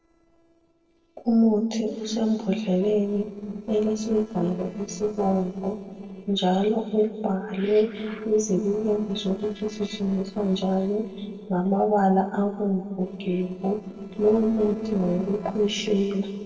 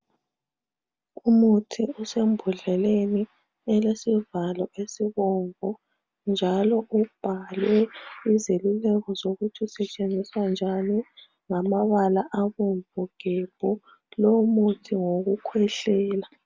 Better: second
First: noise reduction (neural separator model SepFormer DNS4)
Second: none

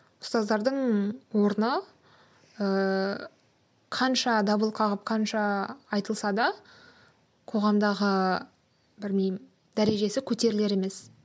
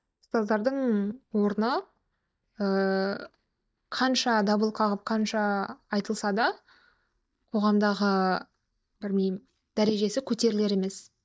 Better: first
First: none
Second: noise reduction (neural mask model DeepFilterNet 3)

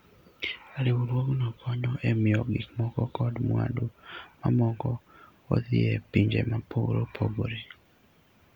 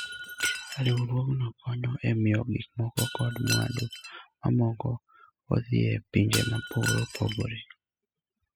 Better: first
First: none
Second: noise reduction (classical method spectral subtraction)

